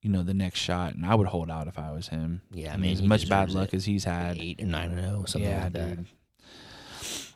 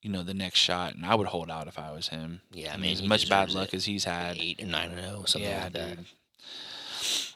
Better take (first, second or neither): first